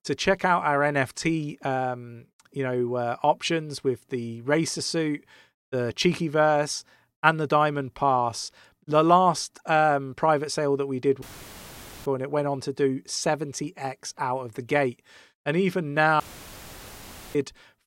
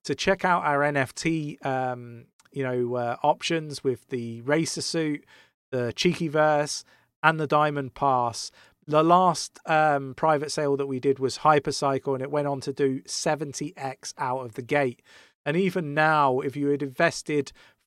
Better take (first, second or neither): second